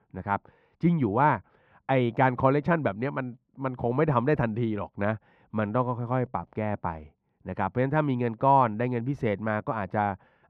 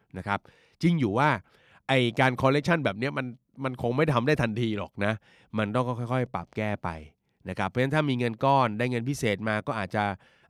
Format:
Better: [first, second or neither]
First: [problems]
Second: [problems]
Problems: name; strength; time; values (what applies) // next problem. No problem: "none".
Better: second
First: muffled; very; fading above 3.5 kHz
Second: none